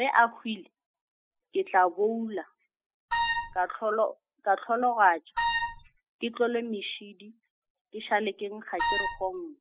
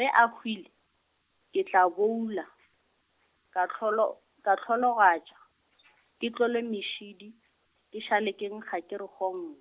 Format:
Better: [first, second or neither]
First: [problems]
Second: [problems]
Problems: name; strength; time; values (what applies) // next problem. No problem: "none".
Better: second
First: noise reduction (classical method spectral subtraction)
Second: none